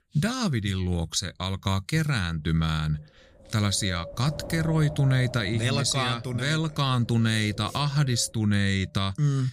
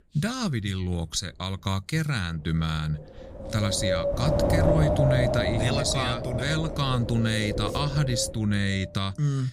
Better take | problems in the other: first | wind noise on the microphone; heavy; 1 dB above the speech; occasional gusts in the first

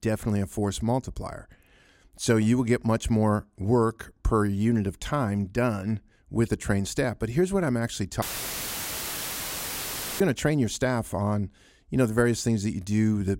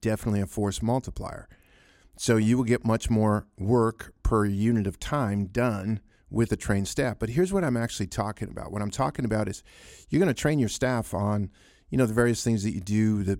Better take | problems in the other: second | audio cutting out; filled with static; at 8 s for 2 s

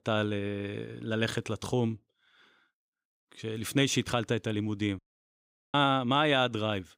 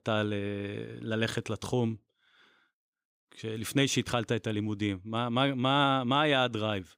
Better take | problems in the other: second | audio cutting out; at 5 s for 1 s

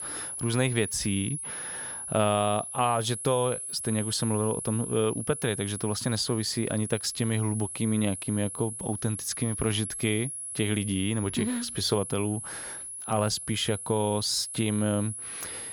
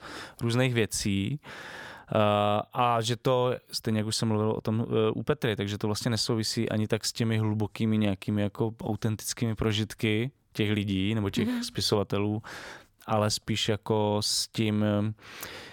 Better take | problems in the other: second | high-pitched whine; loud; throughout; 10.5 kHz, 6 dB below the speech

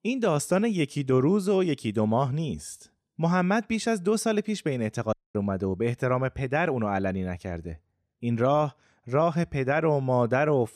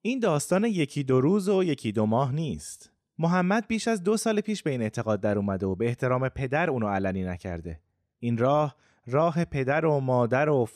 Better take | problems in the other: second | audio cutting out; at 5 s

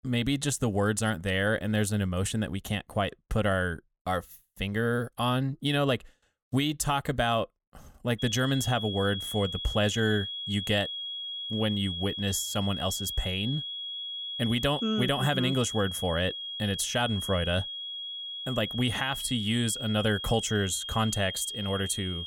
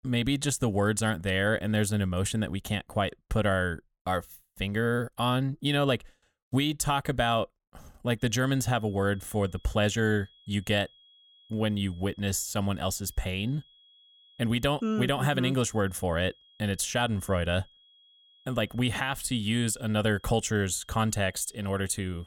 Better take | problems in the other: second | high-pitched whine; loud; from 8 s on; 3.5 kHz, 5 dB below the speech; faint in the second

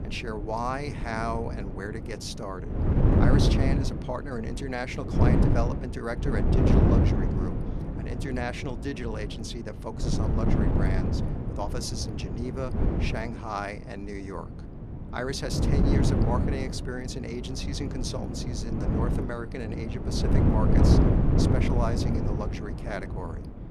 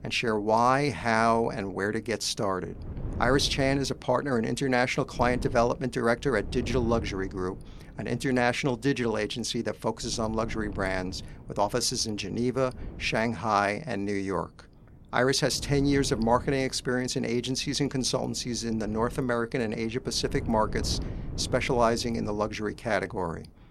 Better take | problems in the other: second | wind noise on the microphone; heavy; as loud as the speech; occasional gusts in the second

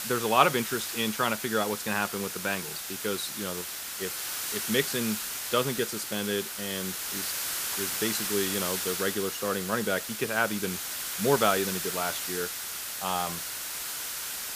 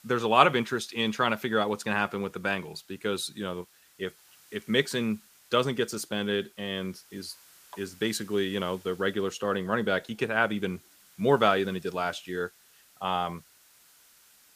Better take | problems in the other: second | hiss; loud; throughout; 2 dB below the speech; faint in the second

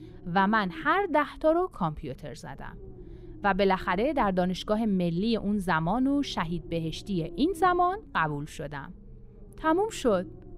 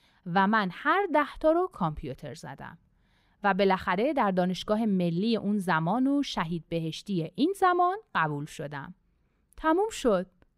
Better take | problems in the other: second | low rumble; faint; throughout; 25 dB below the speech

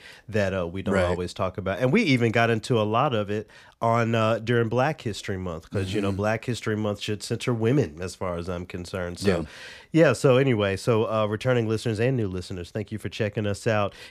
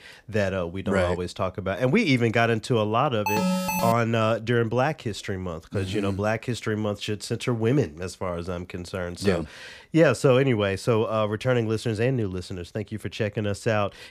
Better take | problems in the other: first | alarm; loud; at 3.5 s; peak level with the speech

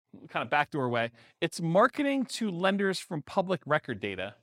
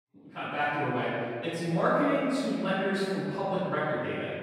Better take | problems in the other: first | off-mic speech; far // room echo; strong; dies away in 2 s

